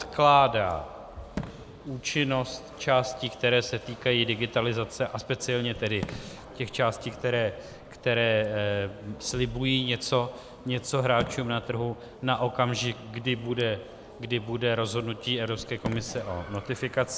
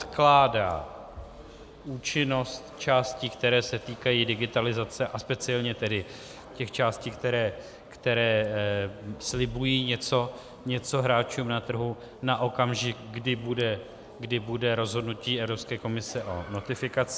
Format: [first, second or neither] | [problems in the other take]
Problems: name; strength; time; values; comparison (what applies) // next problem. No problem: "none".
second | background sound (Fireworks); 18 dB below the speech